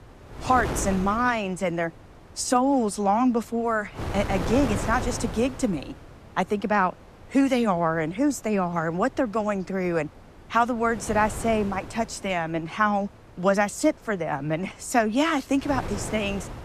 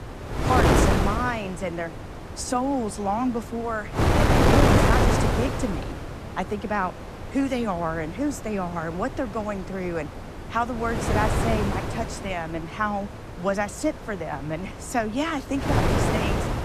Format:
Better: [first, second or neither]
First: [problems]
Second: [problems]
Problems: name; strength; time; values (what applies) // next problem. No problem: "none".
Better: first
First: wind noise on the microphone; occasional gusts; 10 dB below the speech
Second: wind noise on the microphone; heavy; 3 dB above the speech